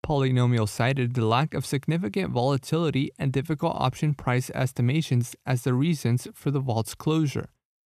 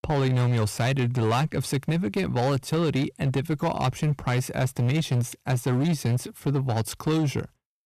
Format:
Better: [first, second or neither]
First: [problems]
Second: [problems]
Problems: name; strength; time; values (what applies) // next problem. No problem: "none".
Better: first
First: none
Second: distortion; slight; 17% of the sound clipped